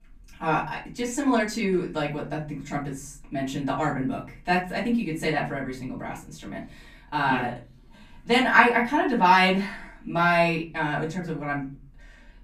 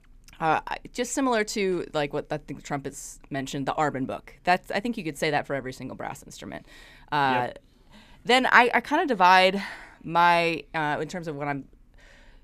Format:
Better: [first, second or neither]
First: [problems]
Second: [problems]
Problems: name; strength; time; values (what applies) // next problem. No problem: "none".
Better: second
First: off-mic speech; far // room echo; slight; dies away in 0.4 s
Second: none